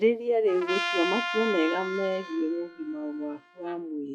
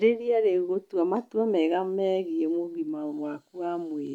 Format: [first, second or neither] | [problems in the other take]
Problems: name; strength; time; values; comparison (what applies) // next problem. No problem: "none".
second | noise reduction (classical method log-MMSE)